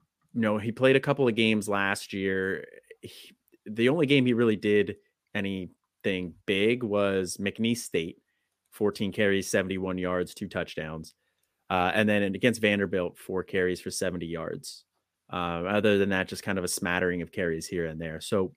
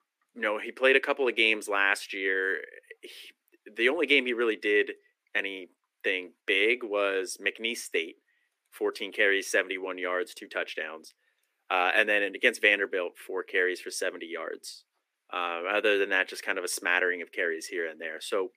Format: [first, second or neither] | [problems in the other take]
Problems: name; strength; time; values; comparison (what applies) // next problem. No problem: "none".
first | thin; very; fading below 300 Hz